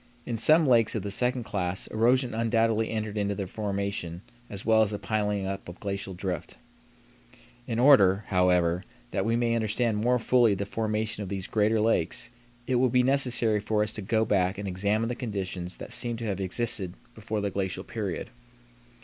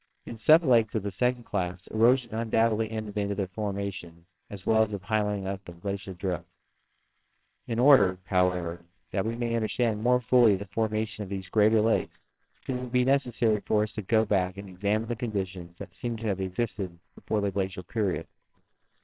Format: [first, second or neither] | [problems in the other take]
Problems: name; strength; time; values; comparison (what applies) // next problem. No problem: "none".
first | noise reduction (neural separator model SepFormer WHAMR!)